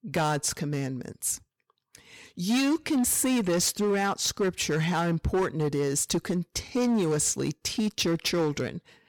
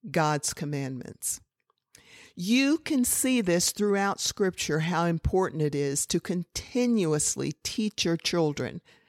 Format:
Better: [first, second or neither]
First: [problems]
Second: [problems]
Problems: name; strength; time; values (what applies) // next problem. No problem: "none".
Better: second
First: distortion; slight; 11% of the sound clipped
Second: none